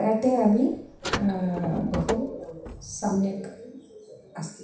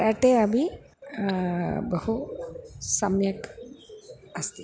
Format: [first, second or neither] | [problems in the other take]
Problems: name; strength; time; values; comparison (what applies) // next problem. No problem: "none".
second | background sound (Car); 9 dB below the speech // room echo; dies away in 0.7 s